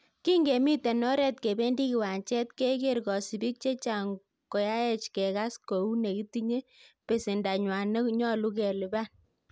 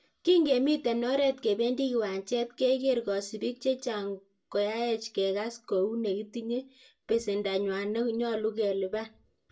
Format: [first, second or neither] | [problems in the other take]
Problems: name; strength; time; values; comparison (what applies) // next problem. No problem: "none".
first | room echo; dies away in 0.2 s